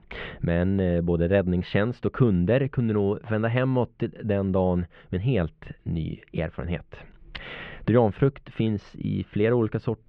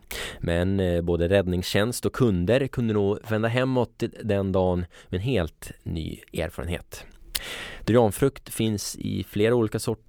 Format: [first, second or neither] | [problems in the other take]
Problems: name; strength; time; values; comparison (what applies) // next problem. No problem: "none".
second | muffled; very; fading above 3 kHz